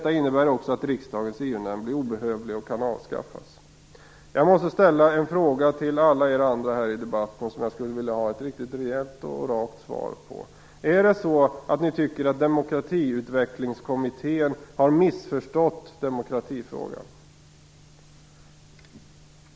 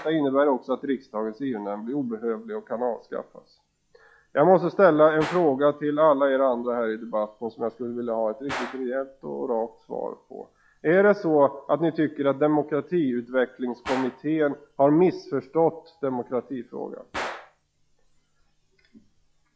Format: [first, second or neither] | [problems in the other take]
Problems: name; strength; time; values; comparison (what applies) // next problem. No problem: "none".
first | noise reduction (classical method log-MMSE)